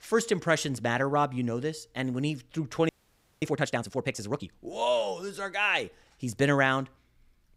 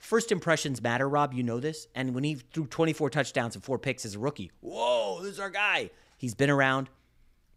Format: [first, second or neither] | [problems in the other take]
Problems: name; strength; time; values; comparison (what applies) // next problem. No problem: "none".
second | audio freezing; at 3 s for 0.5 s